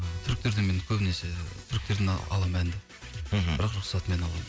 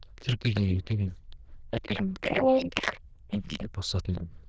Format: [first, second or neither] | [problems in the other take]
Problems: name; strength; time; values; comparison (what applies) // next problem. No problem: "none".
first | noise reduction (neural diffusion model UNIVERSE++)